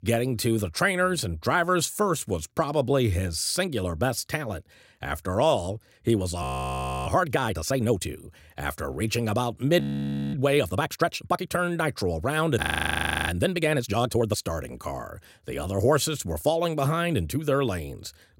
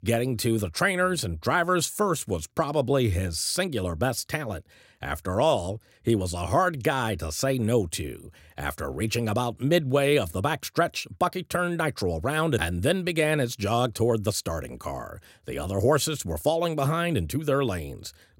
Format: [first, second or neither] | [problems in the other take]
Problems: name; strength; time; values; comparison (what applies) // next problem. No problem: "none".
second | audio freezing; at 6.5 s for 0.5 s, at 10 s for 0.5 s and at 13 s for 0.5 s